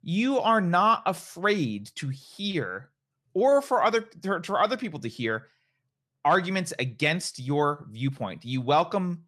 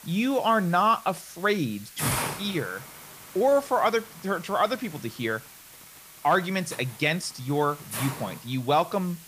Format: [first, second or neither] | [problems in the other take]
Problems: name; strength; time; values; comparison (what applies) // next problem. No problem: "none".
first | hiss; noticeable; throughout; 10 dB below the speech